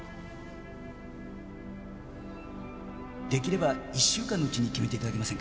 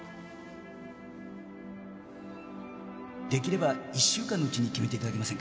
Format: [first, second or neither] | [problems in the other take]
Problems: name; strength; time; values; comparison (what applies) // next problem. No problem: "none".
second | background sound (Idling / Accelerating, revving, vroom / Car); 14 dB below the speech